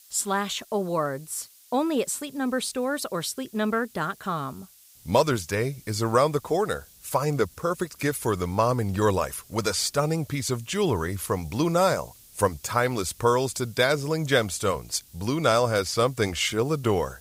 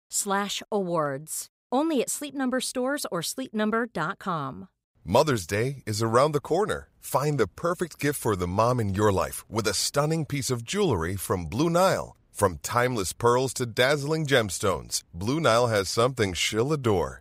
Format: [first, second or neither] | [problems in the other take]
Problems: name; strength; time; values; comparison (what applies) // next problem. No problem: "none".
second | hiss; faint; throughout; 25 dB below the speech